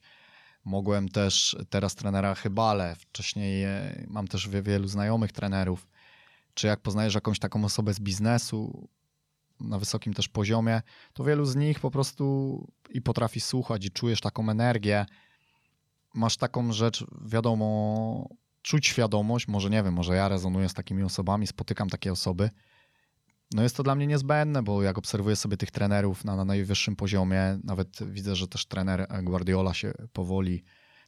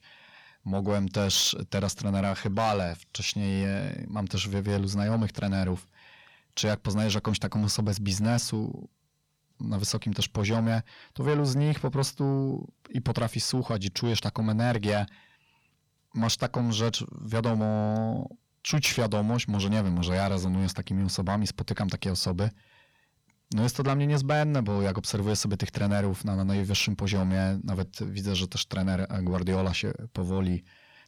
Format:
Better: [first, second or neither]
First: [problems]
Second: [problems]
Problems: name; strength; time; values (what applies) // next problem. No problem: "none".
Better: first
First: none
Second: distortion; slight; 10 dB below the speech